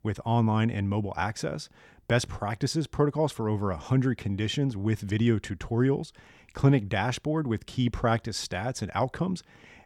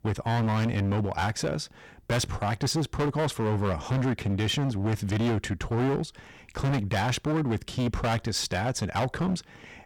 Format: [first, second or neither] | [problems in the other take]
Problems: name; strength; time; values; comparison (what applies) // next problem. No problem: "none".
first | distortion; heavy; 21% of the sound clipped